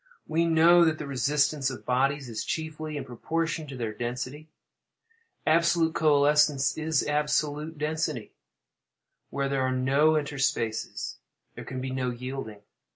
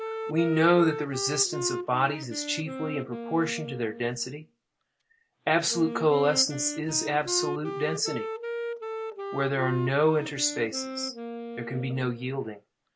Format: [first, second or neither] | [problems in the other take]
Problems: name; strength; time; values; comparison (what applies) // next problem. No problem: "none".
first | background sound (Wind instrument, woodwind instrument); 8 dB below the speech